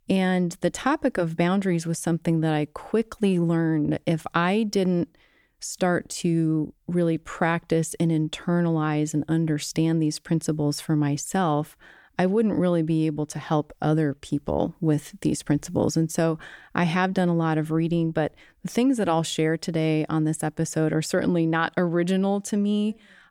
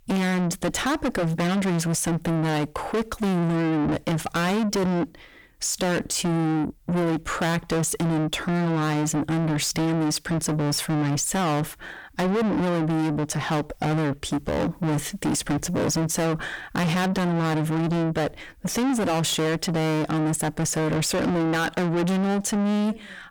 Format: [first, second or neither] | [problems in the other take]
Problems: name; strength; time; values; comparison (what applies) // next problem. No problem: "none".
first | distortion; heavy; 5 dB below the speech